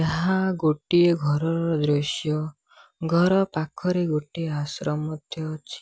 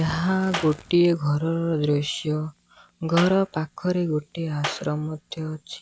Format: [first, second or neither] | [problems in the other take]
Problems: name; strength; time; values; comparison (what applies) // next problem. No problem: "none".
first | background sound (Clapping + Fire); 14 dB below the speech